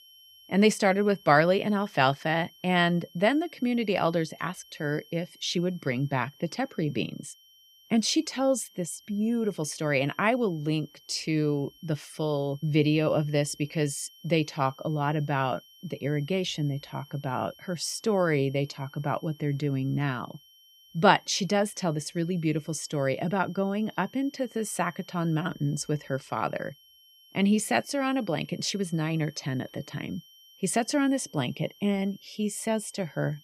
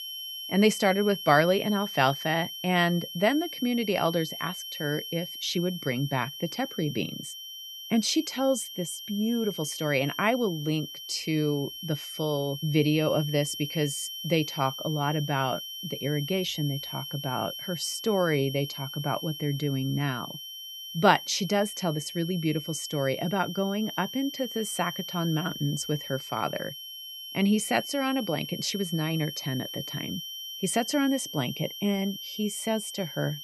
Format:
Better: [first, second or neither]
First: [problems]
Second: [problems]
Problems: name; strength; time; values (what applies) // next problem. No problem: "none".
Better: first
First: high-pitched whine; faint; throughout; 3 kHz, 25 dB below the speech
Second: high-pitched whine; loud; throughout; 3 kHz, 8 dB below the speech